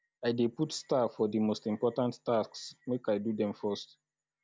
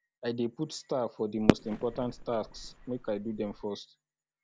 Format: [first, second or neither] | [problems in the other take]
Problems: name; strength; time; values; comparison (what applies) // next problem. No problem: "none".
first | background sound (Fireworks); 1 dB above the speech